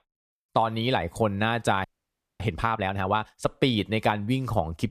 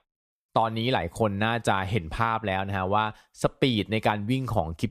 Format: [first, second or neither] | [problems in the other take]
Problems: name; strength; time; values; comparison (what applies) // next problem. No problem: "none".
second | audio freezing; at 2 s for 0.5 s